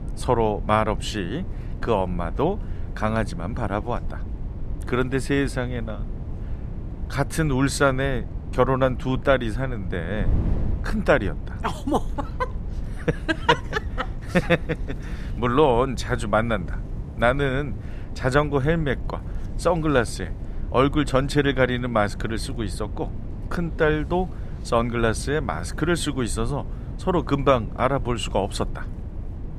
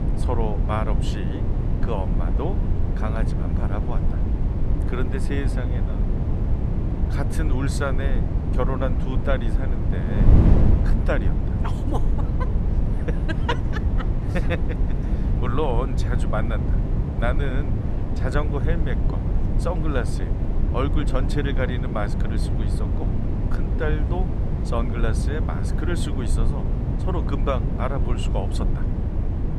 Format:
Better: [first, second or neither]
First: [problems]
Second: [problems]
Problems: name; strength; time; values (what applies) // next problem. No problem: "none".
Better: first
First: wind noise on the microphone; occasional gusts; 20 dB below the speech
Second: wind noise on the microphone; heavy; 4 dB below the speech